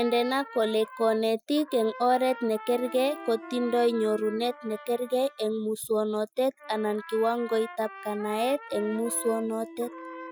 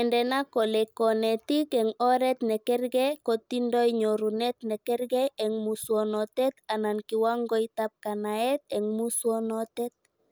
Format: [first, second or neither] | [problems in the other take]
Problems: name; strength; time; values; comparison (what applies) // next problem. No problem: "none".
second | noise reduction (classical method Wiener filter)